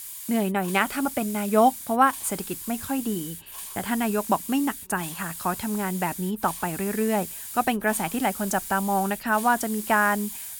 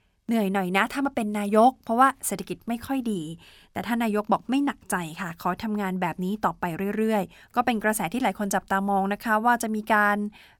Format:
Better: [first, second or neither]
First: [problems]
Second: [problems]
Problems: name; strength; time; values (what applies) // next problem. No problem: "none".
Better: second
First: hiss; loud; throughout; 9 dB below the speech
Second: none